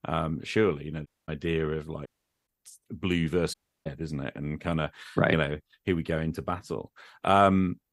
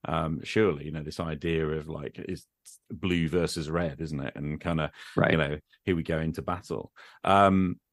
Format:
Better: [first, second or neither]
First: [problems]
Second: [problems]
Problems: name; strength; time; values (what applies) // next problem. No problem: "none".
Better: second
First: audio cutting out; at 1 s, at 2 s and at 3.5 s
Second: none